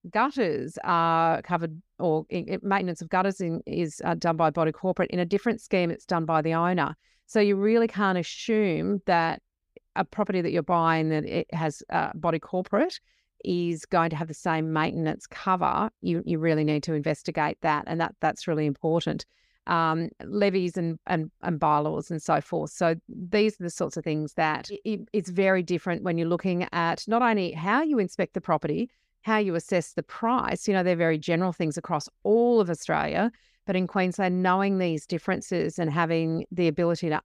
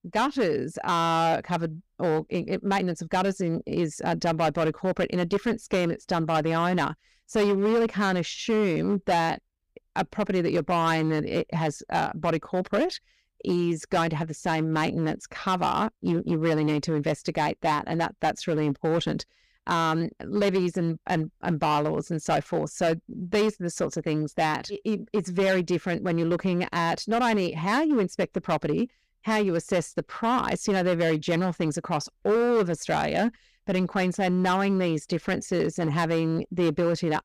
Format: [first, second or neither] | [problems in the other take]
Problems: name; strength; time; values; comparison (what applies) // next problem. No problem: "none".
first | distortion; slight; 9% of the sound clipped